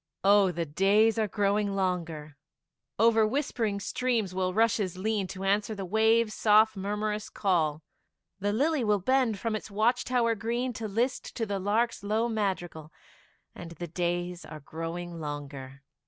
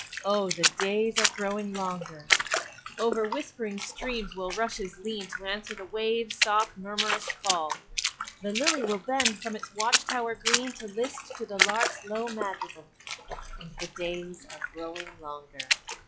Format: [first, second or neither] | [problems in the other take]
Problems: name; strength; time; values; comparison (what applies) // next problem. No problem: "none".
first | noise reduction (classical method log-MMSE)